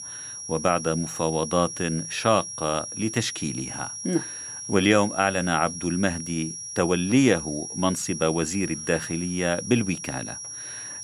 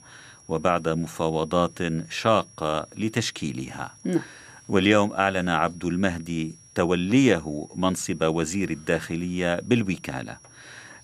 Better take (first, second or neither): second